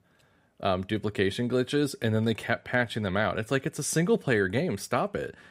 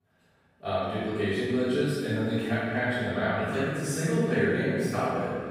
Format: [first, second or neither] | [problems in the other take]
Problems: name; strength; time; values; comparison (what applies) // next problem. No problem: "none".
first | off-mic speech; far // room echo; strong; dies away in 1.7 s